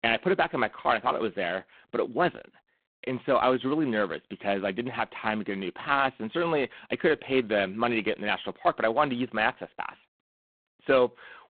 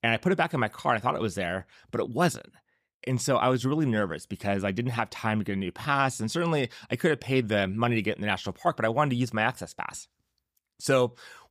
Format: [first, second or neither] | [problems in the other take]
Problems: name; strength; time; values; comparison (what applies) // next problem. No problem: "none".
second | phone-call audio; poor line; nothing above 3.5 kHz